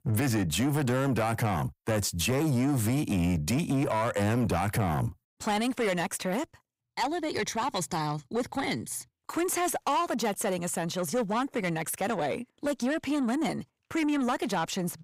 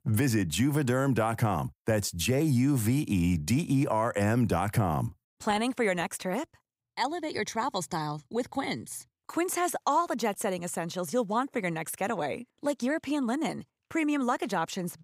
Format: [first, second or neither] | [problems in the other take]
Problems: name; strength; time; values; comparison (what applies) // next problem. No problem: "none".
second | distortion; slight; 10 dB below the speech